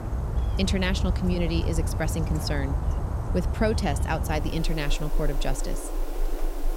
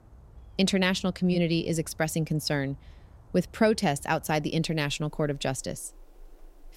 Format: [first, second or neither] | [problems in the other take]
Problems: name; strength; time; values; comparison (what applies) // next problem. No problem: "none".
second | animal sounds; loud; throughout; as loud as the speech; faint in the second